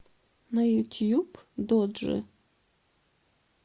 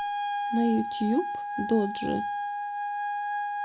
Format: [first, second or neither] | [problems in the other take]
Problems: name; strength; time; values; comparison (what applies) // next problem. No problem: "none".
first | background sound (Wind instrument, woodwind instrument); 1 dB below the speech